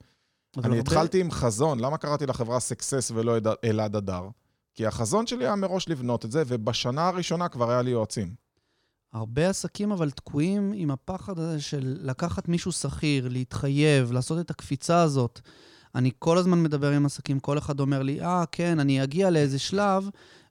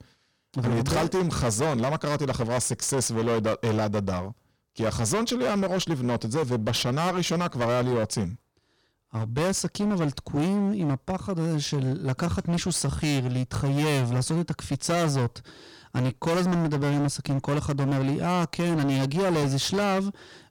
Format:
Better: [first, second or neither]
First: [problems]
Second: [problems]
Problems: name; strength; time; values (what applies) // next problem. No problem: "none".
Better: first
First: none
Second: distortion; heavy; 23% of the sound clipped